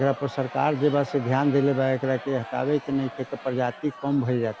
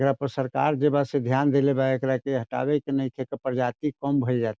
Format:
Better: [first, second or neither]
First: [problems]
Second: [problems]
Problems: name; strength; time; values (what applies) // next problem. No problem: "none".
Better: second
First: background sound (Crowd); 16 dB below the speech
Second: none